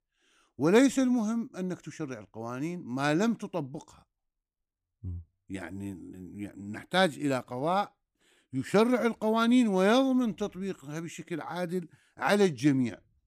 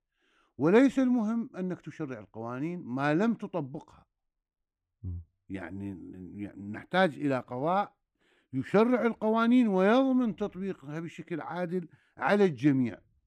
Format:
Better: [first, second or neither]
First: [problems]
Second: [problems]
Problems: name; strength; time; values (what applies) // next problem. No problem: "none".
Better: first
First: none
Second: muffled; slightly; fading above 4 kHz